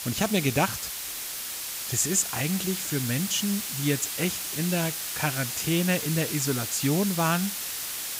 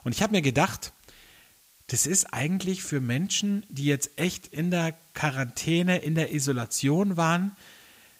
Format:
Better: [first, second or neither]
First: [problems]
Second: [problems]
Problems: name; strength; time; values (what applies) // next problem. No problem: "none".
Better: second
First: hiss; loud; throughout; 3 dB below the speech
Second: hiss; faint; throughout; 30 dB below the speech